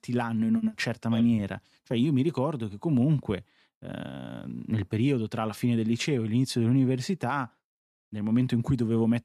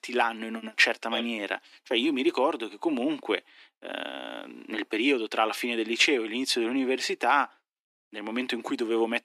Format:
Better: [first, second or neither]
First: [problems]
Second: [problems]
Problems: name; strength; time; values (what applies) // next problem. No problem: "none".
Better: first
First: none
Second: thin; very; fading below 300 Hz